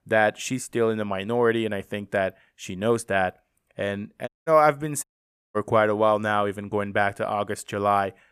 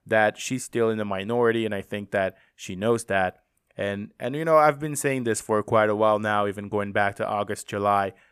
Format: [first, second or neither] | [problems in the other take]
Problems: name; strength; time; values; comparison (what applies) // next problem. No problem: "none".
second | audio cutting out; at 4.5 s and at 5 s for 0.5 s